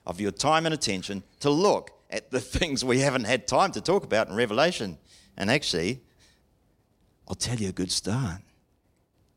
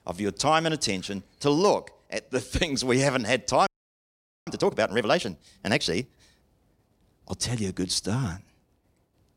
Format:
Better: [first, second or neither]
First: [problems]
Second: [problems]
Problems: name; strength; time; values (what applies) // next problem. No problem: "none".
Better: first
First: none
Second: audio freezing; at 3.5 s for 1 s